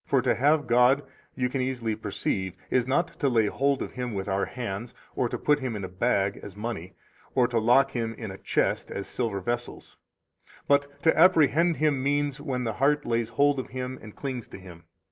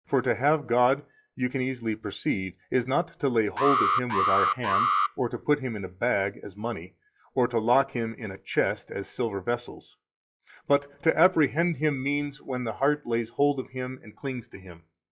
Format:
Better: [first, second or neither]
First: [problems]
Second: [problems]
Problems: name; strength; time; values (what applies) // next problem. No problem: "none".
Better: first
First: none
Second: noise reduction (classical method log-MMSE)